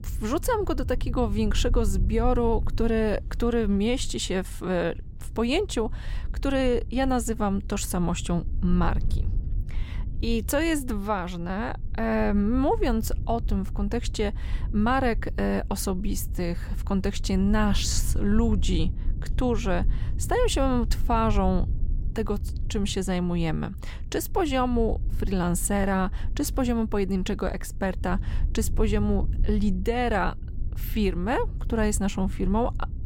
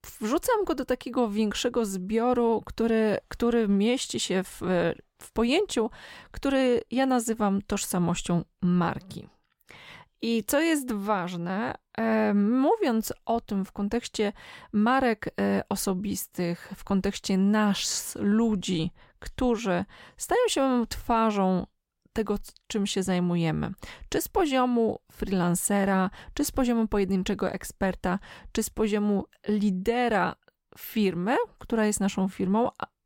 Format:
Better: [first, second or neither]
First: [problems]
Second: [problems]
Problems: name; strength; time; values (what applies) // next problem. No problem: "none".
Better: second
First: low rumble; faint; throughout; 20 dB below the speech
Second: none